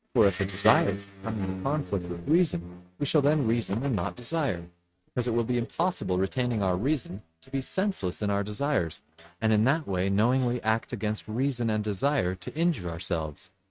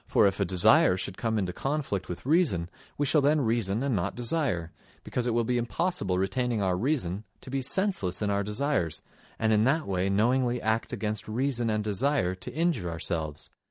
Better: second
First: noise reduction (neural mask model RNNoise)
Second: none

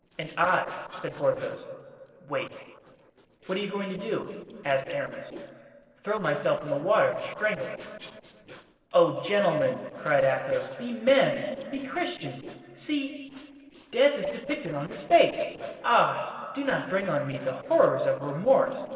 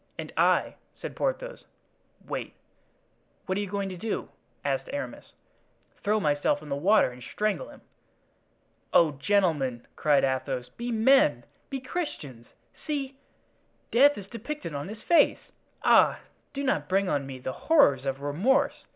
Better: second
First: noise reduction (neural separator model SepFormer DNS4)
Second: none

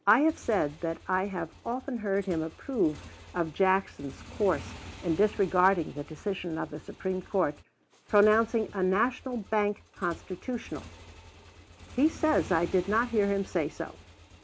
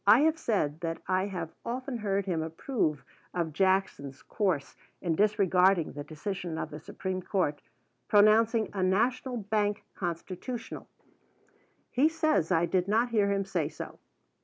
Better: second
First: background sound (Motorcycle / Engine); 19 dB below the speech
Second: none

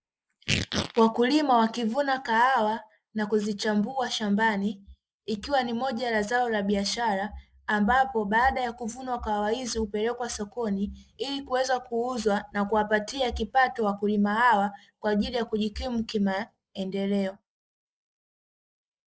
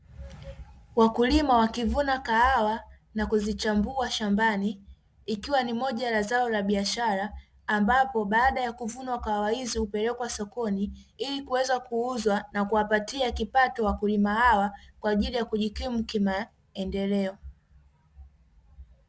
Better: second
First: noise reduction (neural mask model Resemble Enhance denoiser)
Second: none

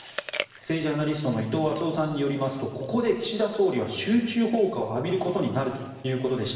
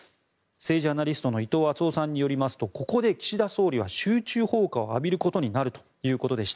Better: second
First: background sound (Chewing, mastication); 17 dB below the speech // room echo; dies away in 1.2 s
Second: none

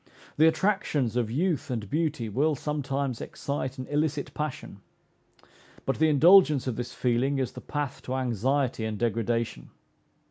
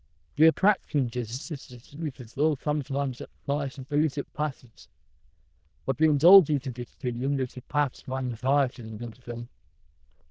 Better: first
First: none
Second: noise reduction (neural diffusion model UNIVERSE++)

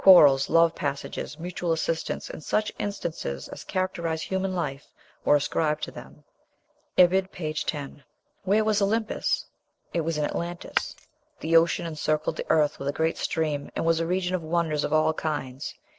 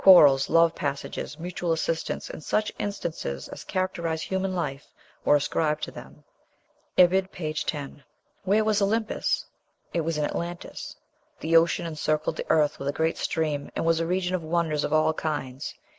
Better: second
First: noise reduction (neural separator model SepFormer DNS4)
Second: none

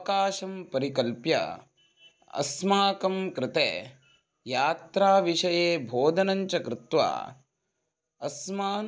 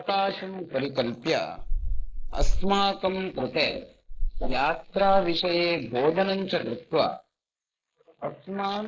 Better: first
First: none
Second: noise reduction (neural mask model Resemble Enhance denoiser)

